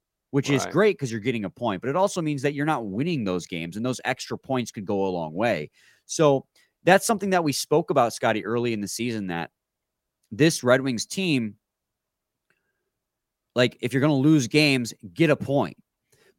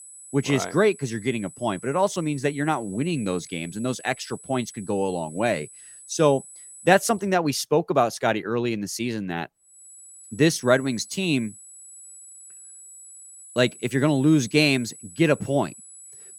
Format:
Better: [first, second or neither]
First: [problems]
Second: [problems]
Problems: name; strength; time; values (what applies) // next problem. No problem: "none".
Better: first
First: none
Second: high-pitched whine; noticeable; until 7 s and from 9.5 s on; 8 kHz, 20 dB below the speech